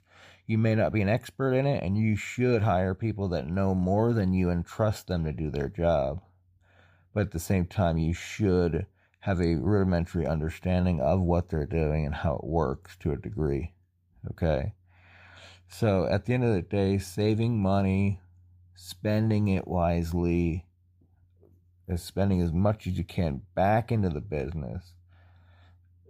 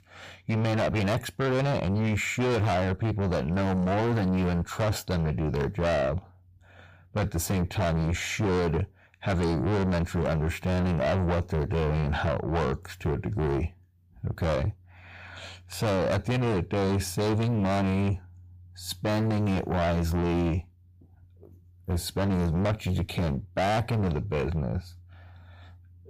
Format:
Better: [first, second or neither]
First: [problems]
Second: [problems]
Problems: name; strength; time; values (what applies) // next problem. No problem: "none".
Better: first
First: none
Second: distortion; heavy; 6 dB below the speech